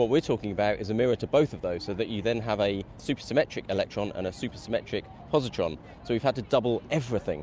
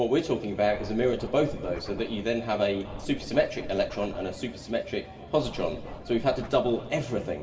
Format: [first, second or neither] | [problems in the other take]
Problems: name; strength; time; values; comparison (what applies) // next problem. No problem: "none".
first | background sound (Scratching (performance technique)); 13 dB below the speech // room echo; dies away in 2 s